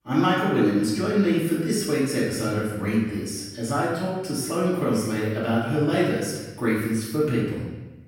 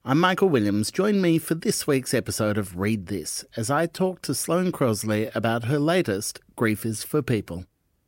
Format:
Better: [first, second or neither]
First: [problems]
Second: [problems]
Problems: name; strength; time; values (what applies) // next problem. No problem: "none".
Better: second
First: off-mic speech; far // room echo; noticeable; dies away in 1 s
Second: none